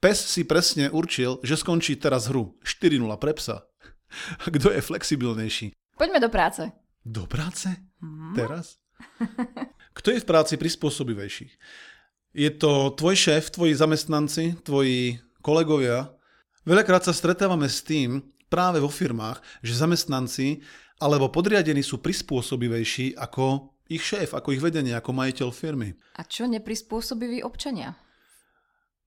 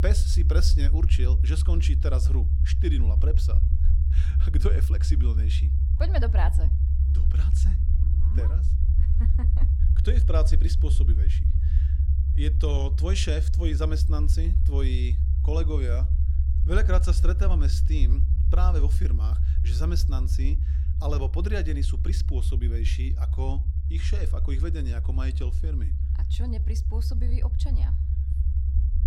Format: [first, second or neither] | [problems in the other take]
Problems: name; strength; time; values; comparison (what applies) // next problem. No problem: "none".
first | low rumble; loud; throughout; 6 dB below the speech